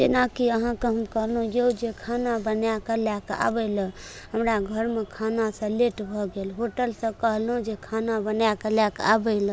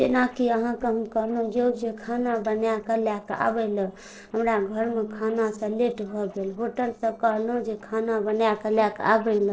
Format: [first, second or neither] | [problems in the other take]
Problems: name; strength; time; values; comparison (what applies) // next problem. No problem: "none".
first | noise reduction (neural separator model SepFormer DNS4)